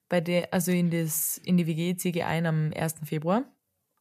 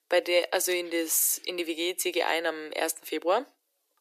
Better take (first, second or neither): first